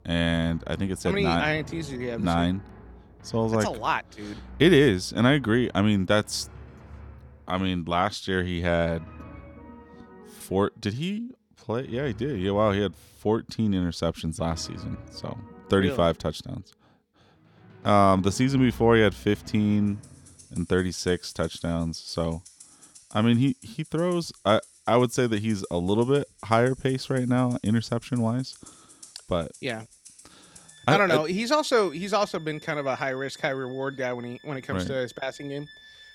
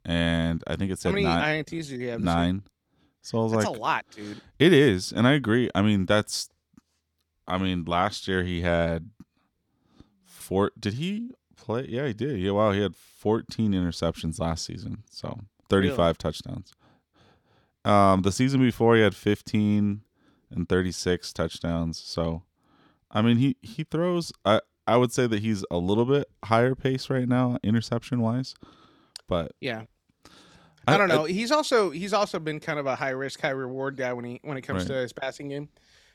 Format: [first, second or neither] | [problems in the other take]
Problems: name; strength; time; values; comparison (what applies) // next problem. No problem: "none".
second | background music; faint; throughout; 20 dB below the speech